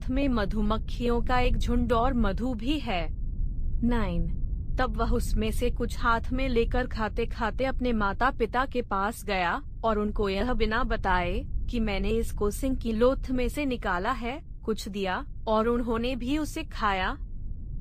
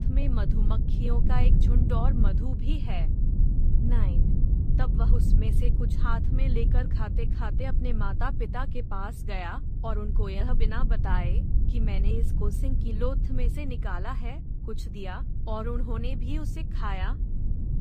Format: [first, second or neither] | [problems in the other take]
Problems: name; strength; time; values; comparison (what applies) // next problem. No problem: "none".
first | low rumble; loud; throughout; 6 dB below the speech; faint in the first